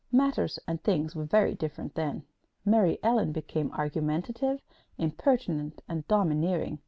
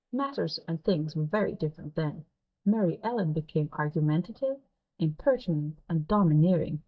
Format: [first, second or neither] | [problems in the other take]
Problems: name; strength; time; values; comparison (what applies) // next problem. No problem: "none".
first | noise reduction (neural mask model DeepFilterNet 3)